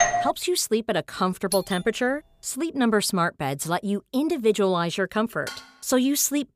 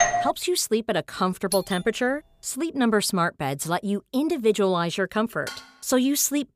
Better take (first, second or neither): neither